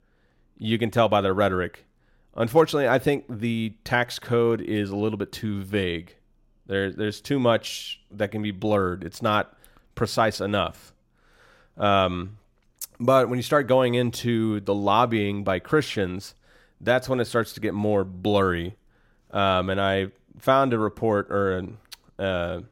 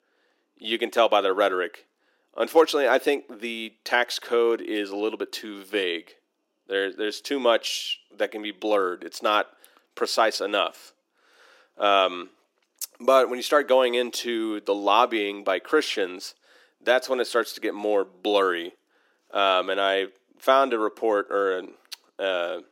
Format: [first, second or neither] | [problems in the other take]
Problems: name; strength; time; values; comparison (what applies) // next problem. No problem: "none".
first | thin; somewhat; fading below 300 Hz